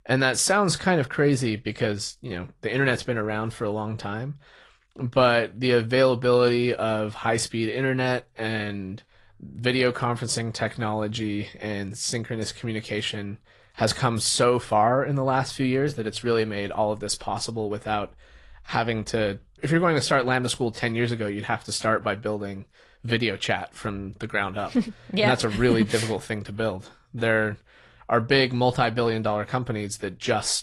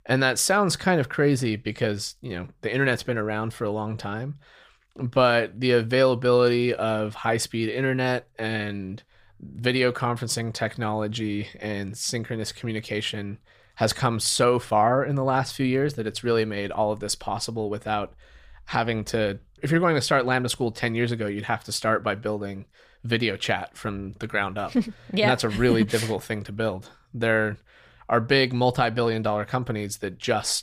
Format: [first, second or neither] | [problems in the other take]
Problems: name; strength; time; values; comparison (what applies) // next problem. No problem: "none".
second | garbled, watery; slightly; nothing above 11 kHz